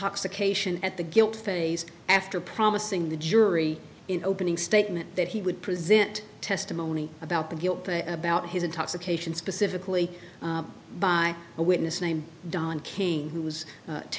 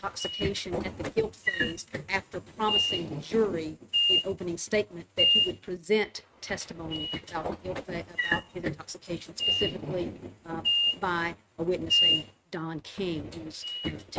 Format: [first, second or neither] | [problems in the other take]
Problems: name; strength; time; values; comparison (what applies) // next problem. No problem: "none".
first | noise reduction (neural mask model RNNoise)